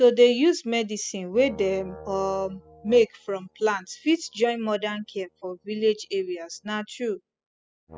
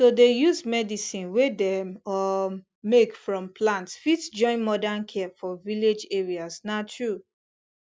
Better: second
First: noise reduction (classical method spectral subtraction)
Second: none

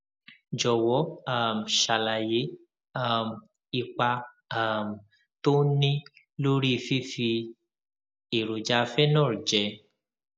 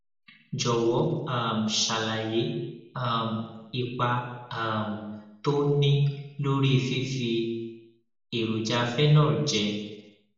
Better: first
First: none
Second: room echo; dies away in 0.9 s

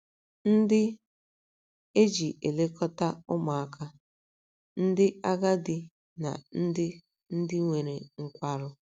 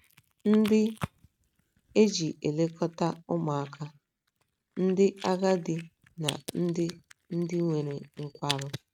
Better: first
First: none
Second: noise reduction (neural mask model RNNoise)

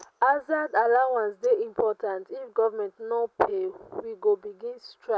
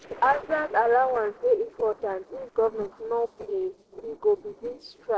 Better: first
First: none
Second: noise reduction (neural separator model SepFormer DNS4)

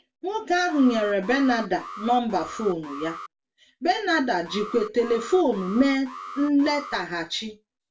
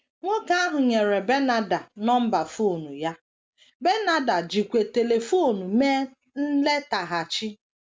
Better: second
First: background sound (Alarm); 15 dB below the speech // room echo; dies away in 0.1 s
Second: none

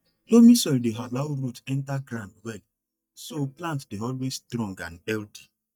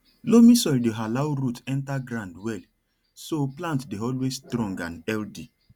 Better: second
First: noise reduction (neural mask model DeepFilterNet 3)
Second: none

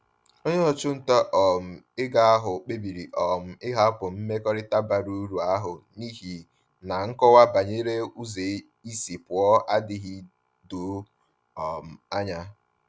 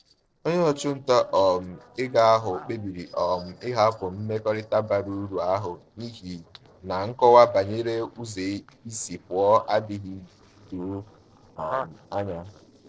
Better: first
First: none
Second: noise reduction (neural separator model SepFormer DNS4)

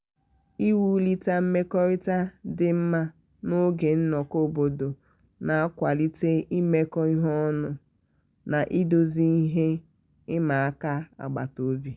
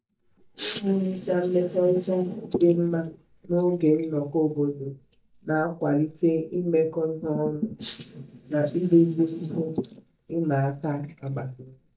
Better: first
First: none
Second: noise reduction (neural mask model DeepFilterNet 3)

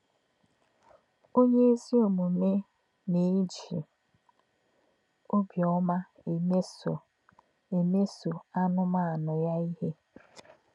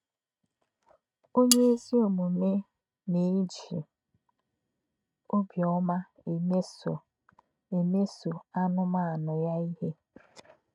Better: first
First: none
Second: noise reduction (neural mask model RNNoise)

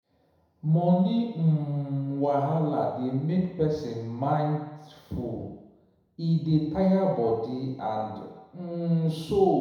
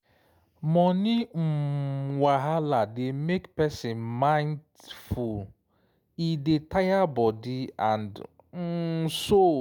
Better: second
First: room echo; dies away in 1 s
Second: none

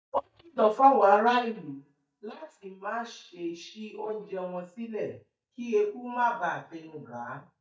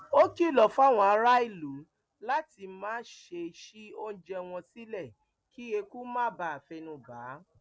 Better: second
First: noise reduction (neural mask model DeepFilterNet 3)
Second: none

